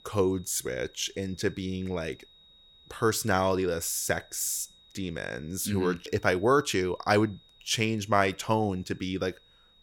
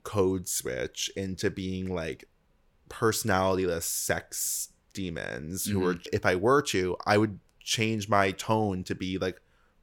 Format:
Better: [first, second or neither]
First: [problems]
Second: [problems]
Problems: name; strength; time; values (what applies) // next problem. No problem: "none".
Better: second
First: high-pitched whine; faint; throughout; 4 kHz, 25 dB below the speech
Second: none